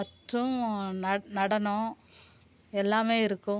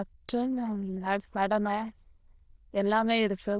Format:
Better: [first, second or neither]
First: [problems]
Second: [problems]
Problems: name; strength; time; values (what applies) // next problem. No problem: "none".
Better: first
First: none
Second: noise reduction (neural diffusion model UNIVERSE++)